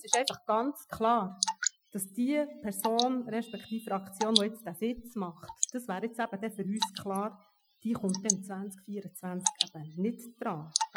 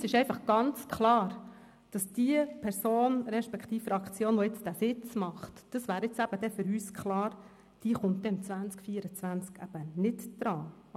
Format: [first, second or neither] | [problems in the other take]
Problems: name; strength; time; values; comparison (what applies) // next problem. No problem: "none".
second | noise reduction (classical method Wiener filter)